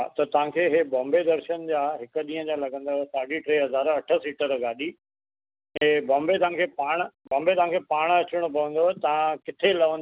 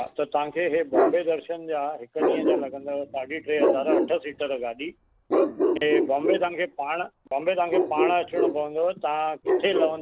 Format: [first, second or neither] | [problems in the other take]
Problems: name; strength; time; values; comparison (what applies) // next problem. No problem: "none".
first | background sound (Bark); as loud as the speech